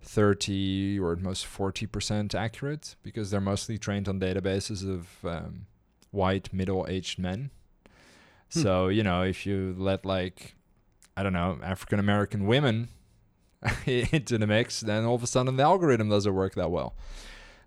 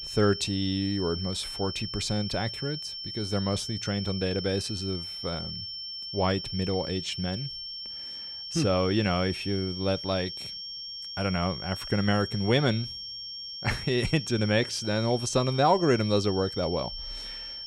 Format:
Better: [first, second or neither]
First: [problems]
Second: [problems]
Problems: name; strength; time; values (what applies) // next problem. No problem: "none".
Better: first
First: none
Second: high-pitched whine; loud; throughout; 5.5 kHz, 7 dB below the speech